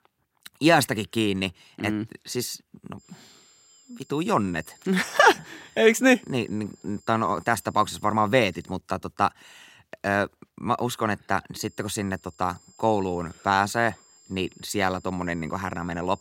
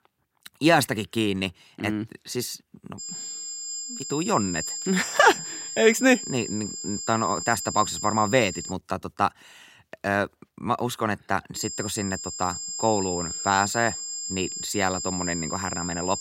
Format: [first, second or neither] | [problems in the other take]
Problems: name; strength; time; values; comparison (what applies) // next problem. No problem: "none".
first | high-pitched whine; loud; from 3 to 8.5 s and from 12 s on; 7.5 kHz, 6 dB below the speech; faint in the first